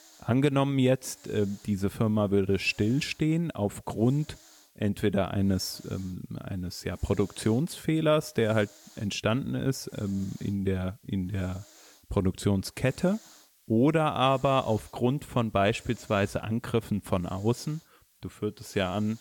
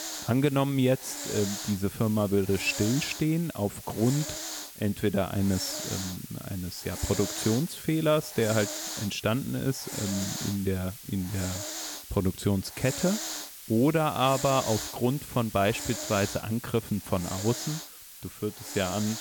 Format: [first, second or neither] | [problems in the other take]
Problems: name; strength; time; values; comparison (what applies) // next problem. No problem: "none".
first | hiss; loud; throughout; 7 dB below the speech; faint in the first